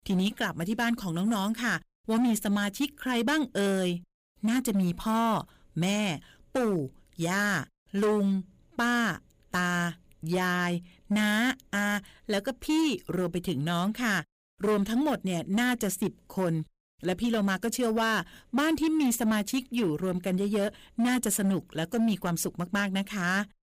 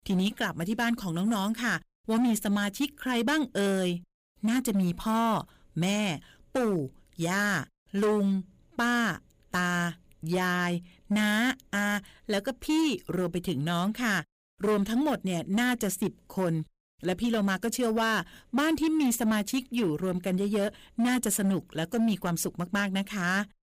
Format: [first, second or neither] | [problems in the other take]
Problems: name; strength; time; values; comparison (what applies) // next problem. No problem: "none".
neither | distortion; slight; 11% of the sound clipped; the same in both